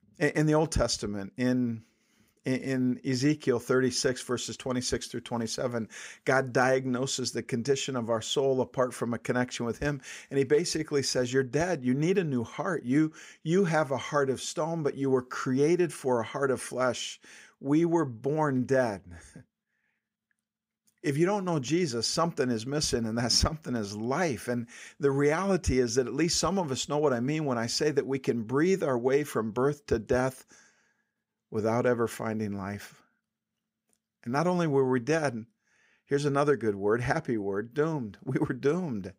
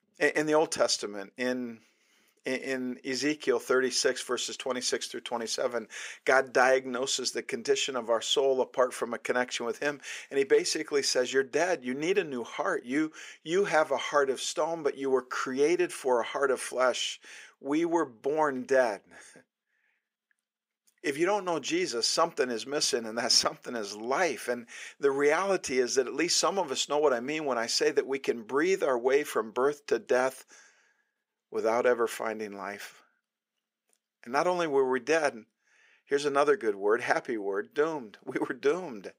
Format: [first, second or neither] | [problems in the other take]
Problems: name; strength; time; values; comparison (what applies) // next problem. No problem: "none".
first | thin; somewhat; fading below 450 Hz